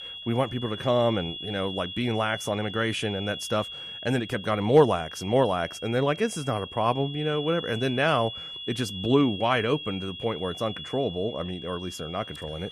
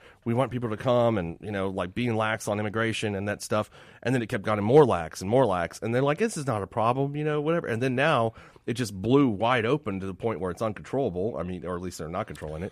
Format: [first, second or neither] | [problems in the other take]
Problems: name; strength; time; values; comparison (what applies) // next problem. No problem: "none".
second | high-pitched whine; loud; throughout; 3.5 kHz, 10 dB below the speech